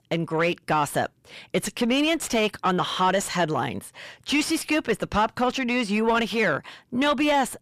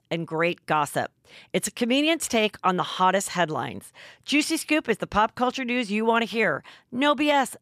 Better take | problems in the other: second | distortion; slight; 10 dB below the speech

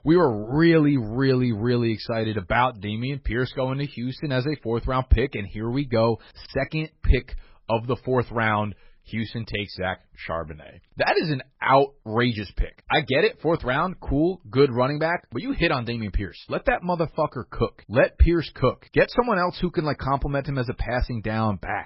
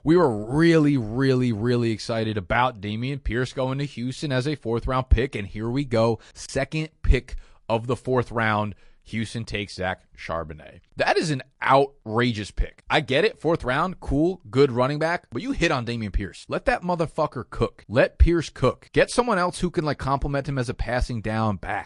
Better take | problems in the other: second | garbled, watery; badly; nothing above 5.5 kHz; slightly in the second

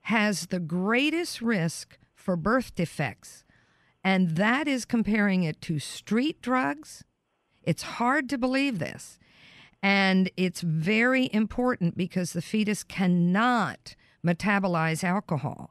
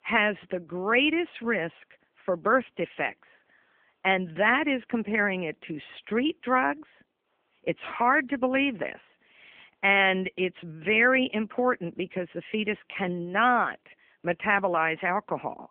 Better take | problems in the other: first | phone-call audio; nothing above 3 kHz

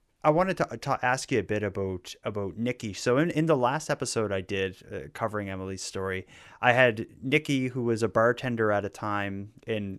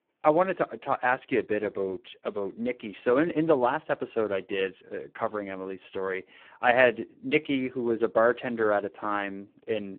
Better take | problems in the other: first | phone-call audio; poor line

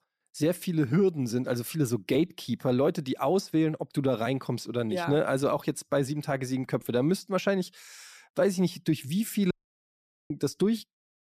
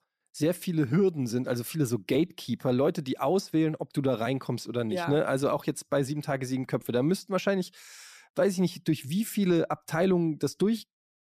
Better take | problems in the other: second | audio cutting out; at 9.5 s for 1 s

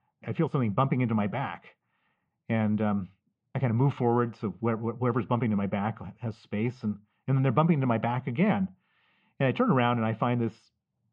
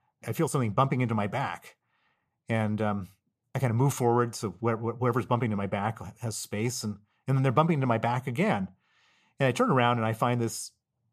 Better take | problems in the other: second | muffled; very; fading above 3 kHz

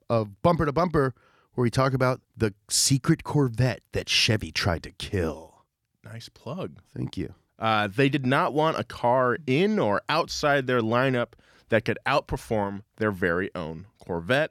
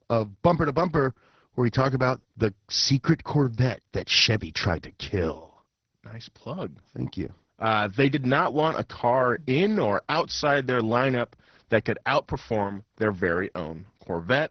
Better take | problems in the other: first | garbled, watery; badly; nothing above 6 kHz

